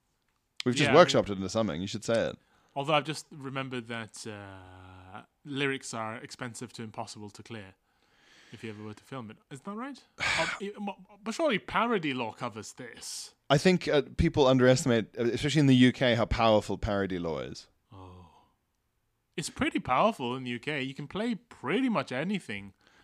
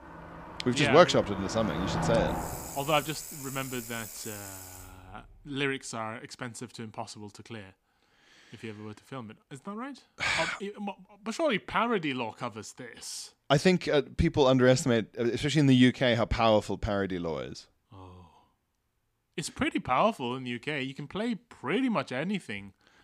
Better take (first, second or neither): first